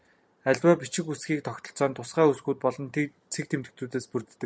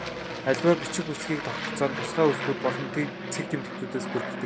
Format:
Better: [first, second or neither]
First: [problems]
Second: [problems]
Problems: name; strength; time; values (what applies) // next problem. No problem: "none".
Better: first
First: none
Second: background sound (Aircraft); 5 dB below the speech